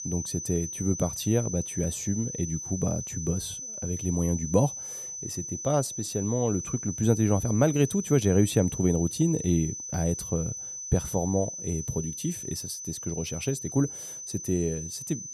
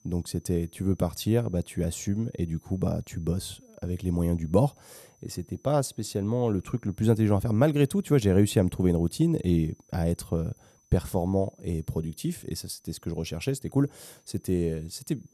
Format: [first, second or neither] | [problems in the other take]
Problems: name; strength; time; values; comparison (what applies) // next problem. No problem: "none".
second | high-pitched whine; loud; throughout; 6 kHz, 7 dB below the speech; faint in the second